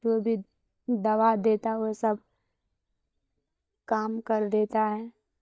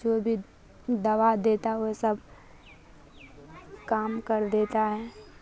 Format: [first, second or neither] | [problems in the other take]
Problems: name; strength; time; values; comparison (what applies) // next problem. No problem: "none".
second | noise reduction (neural mask model DeepFilterNet 3)